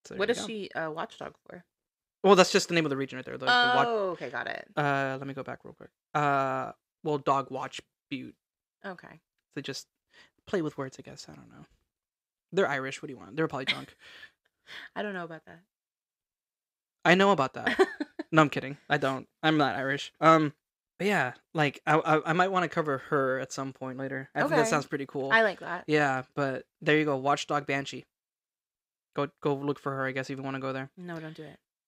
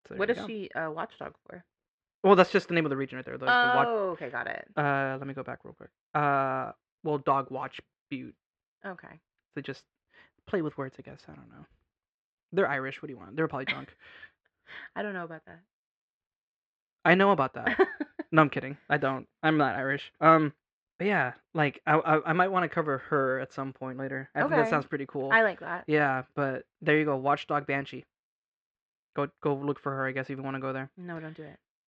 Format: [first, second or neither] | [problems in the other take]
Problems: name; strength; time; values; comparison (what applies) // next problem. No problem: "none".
first | muffled; slightly; fading above 2 kHz